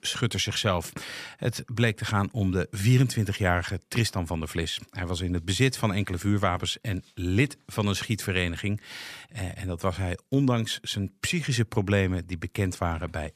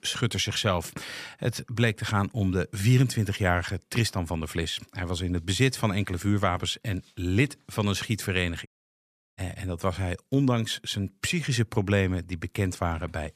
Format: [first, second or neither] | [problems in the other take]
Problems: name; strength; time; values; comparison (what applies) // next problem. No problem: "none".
first | audio cutting out; at 8.5 s for 0.5 s